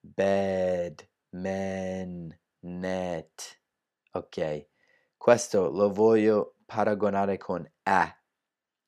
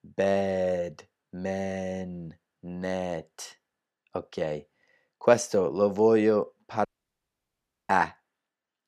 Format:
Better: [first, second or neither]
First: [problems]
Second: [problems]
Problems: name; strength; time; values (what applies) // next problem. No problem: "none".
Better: first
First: none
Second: audio cutting out; at 7 s for 1 s